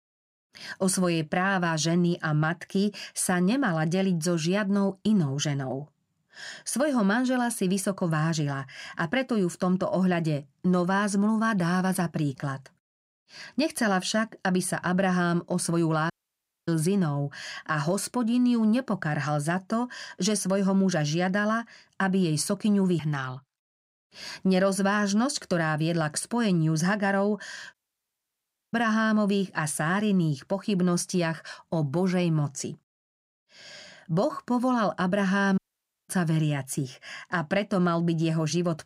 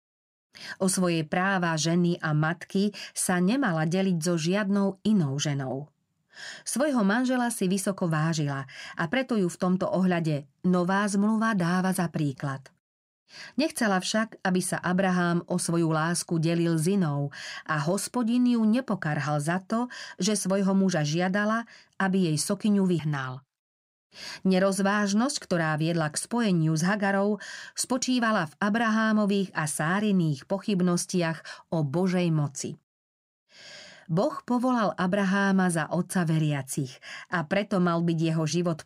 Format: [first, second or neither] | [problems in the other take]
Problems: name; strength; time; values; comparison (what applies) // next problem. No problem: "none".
second | audio cutting out; at 16 s for 0.5 s, at 28 s for 1 s and at 36 s for 0.5 s